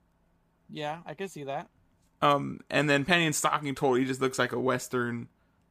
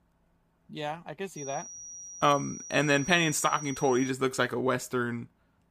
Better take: first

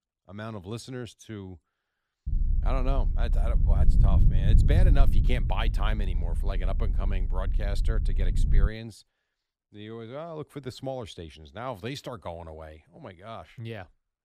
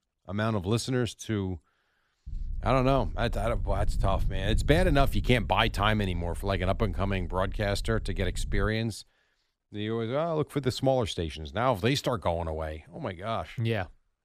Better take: second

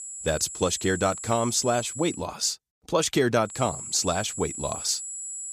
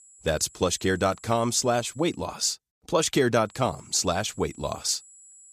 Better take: second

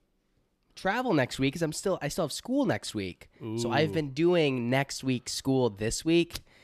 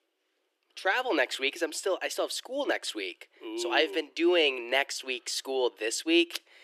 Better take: first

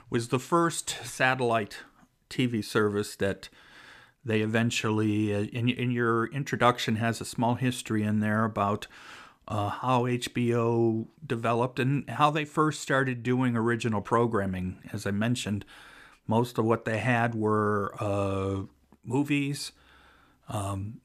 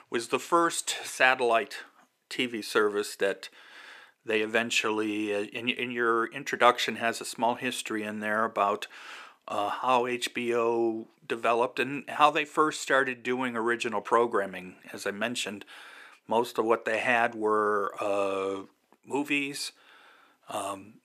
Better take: first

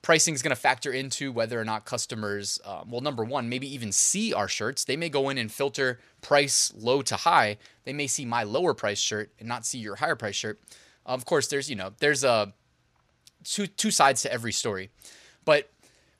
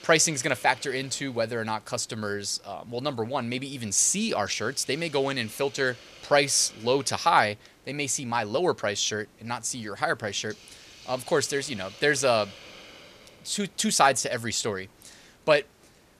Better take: first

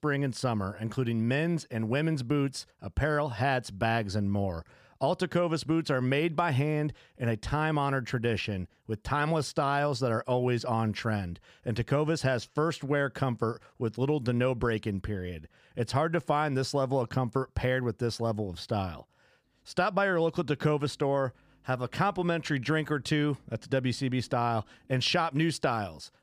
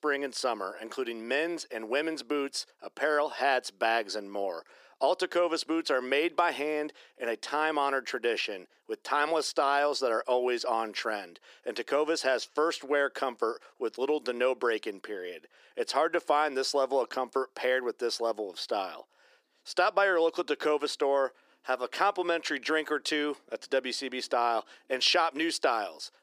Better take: first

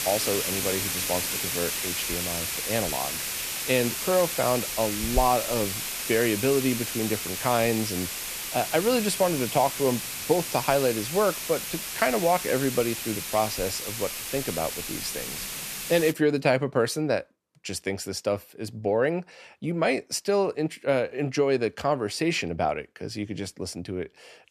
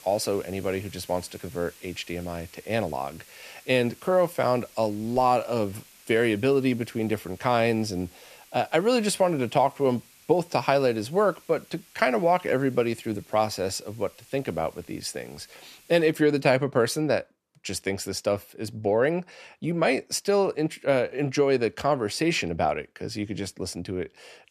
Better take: second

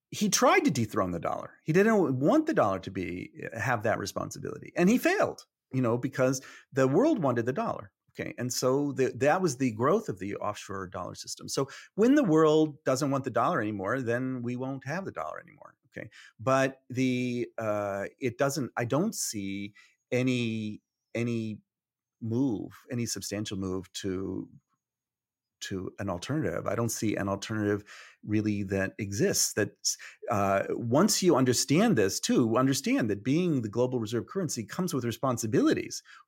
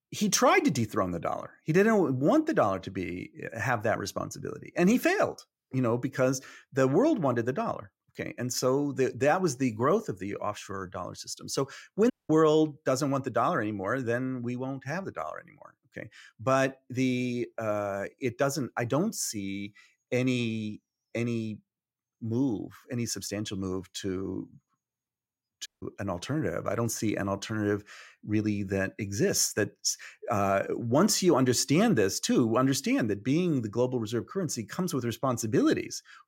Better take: first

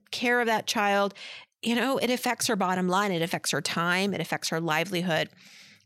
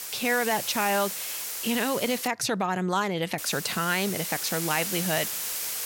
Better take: first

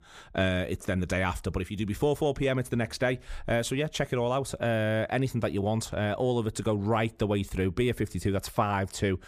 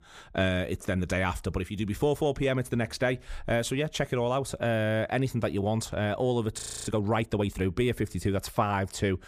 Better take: first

